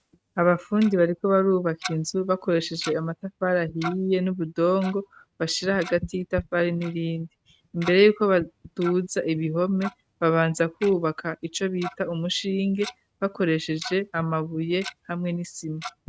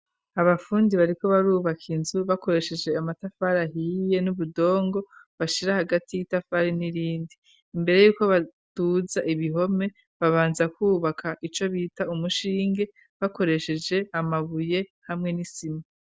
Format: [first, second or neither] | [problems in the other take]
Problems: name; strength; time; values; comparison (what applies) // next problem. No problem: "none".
second | noise reduction (neural mask model RNNoise)